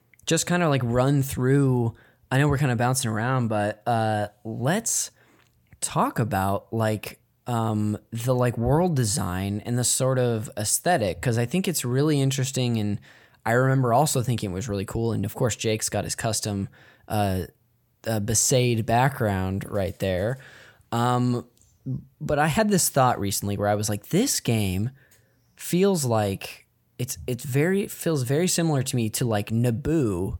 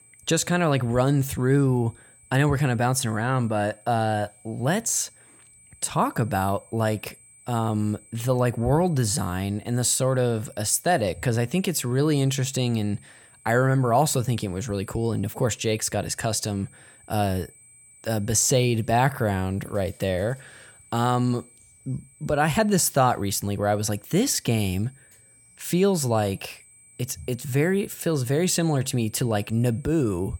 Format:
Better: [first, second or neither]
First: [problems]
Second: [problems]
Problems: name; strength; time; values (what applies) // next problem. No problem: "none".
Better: first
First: none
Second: high-pitched whine; faint; throughout; 8 kHz, 25 dB below the speech